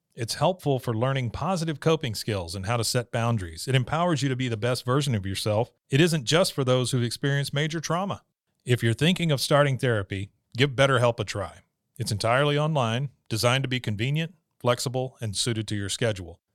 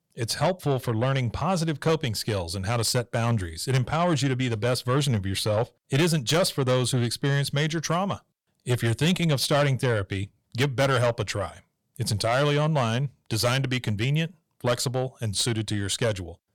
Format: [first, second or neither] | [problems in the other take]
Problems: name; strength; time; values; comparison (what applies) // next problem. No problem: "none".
first | distortion; slight; 10 dB below the speech